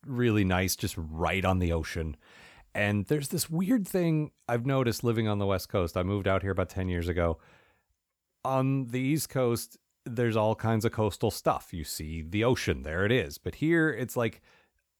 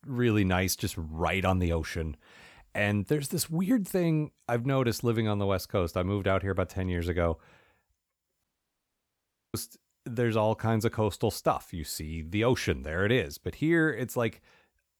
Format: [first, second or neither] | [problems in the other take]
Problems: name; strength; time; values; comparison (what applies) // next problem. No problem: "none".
first | audio cutting out; at 8.5 s for 1 s